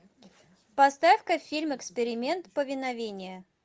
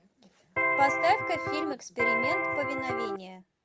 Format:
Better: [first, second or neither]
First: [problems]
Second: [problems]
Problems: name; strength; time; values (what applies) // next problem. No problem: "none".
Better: first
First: none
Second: background sound (Electric guitar); 3 dB above the speech